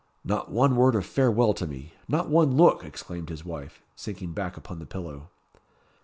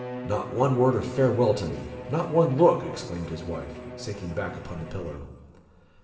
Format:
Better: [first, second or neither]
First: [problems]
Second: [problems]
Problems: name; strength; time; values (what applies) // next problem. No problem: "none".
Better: first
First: none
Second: background sound (Bowed string instrument); 13 dB below the speech // room echo; dies away in 2.9 s